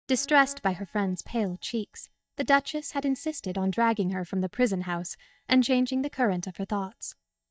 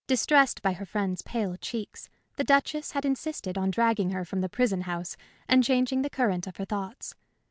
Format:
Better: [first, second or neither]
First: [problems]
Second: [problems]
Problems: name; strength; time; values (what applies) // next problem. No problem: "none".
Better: second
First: noise reduction (neural mask model DeepFilterNet 3)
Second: none